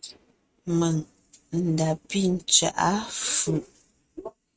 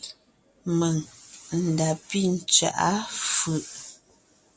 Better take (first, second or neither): second